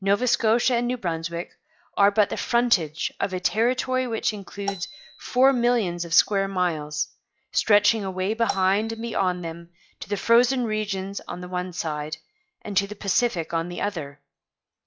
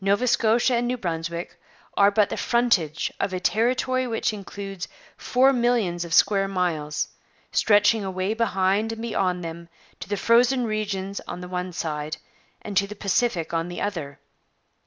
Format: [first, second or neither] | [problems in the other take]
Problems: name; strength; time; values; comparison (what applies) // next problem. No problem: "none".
second | noise reduction (classical method log-MMSE)